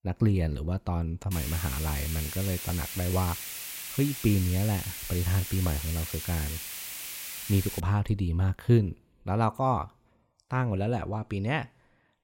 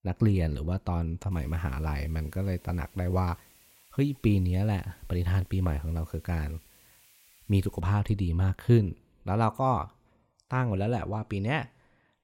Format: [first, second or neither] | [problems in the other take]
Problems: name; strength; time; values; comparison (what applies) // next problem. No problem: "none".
second | hiss; loud; from 1.5 to 8 s; 6 dB below the speech; faint in the second